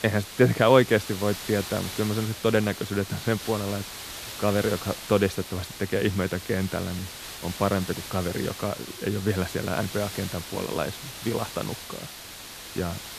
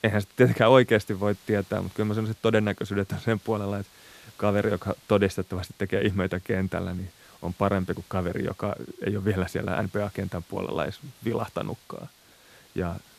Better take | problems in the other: second | hiss; loud; throughout; 10 dB below the speech; faint in the second

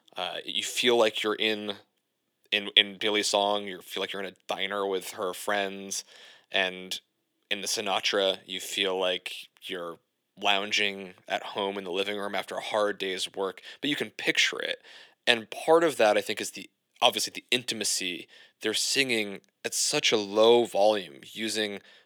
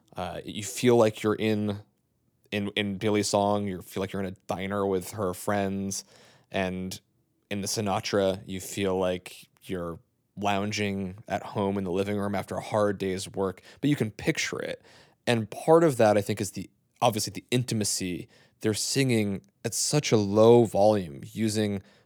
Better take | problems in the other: second | thin; somewhat; fading below 350 Hz

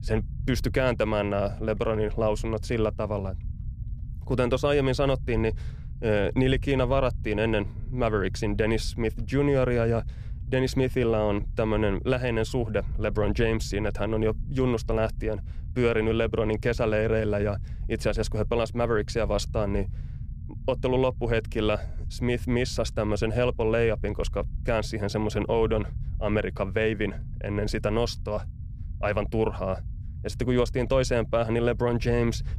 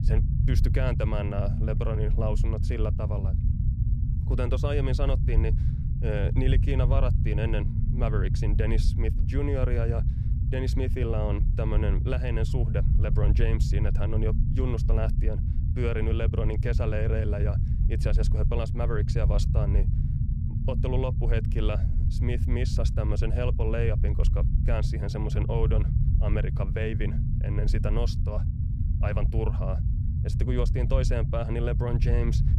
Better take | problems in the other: first | low rumble; loud; throughout; 7 dB below the speech; faint in the first

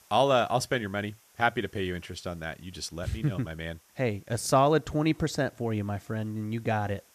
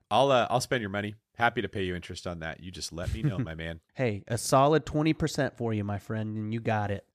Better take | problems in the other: second | hiss; faint; throughout; 30 dB below the speech

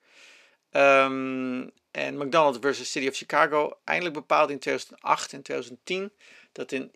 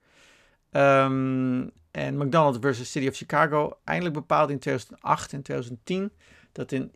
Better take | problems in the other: second | thin; very slightly; fading below 350 Hz

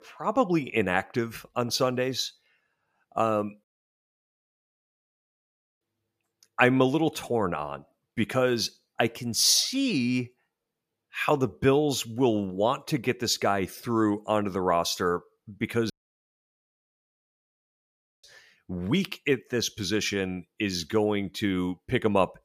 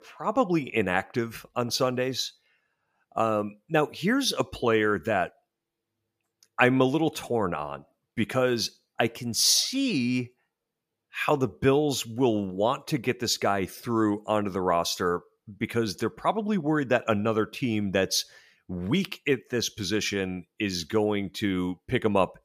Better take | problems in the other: second | audio cutting out; at 3.5 s for 2 s and at 16 s for 2.5 s

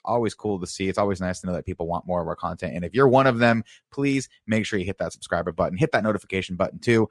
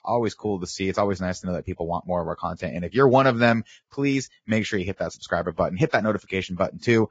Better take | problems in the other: first | garbled, watery; badly; nothing above 7.5 kHz; slightly in the first

